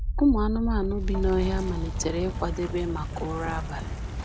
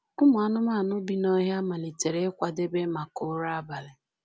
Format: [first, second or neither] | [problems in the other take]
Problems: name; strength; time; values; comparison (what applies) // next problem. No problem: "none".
second | background sound (Wind); 1 dB below the speech